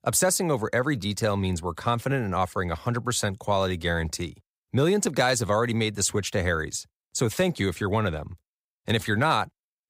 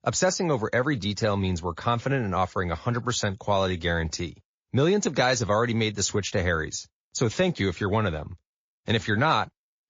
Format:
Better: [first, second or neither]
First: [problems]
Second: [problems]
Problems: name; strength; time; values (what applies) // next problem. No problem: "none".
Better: first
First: none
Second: garbled, watery; slightly